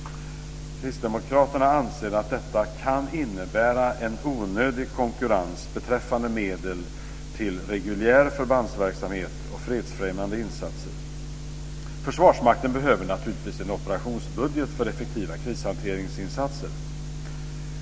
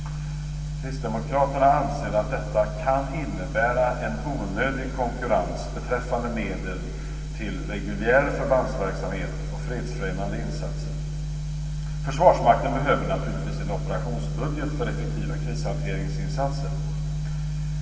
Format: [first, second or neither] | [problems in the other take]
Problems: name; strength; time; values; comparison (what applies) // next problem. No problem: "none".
first | room echo; dies away in 2.3 s